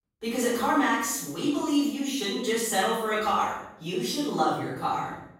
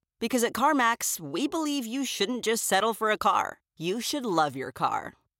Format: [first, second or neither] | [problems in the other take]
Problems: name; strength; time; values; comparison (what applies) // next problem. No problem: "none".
second | off-mic speech; far // room echo; strong; dies away in 0.7 s